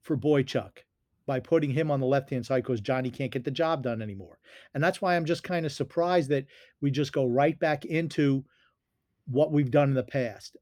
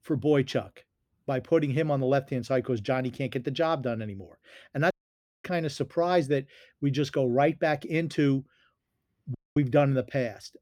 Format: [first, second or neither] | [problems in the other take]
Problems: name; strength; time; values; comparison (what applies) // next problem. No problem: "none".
first | audio cutting out; at 5 s for 0.5 s and at 9.5 s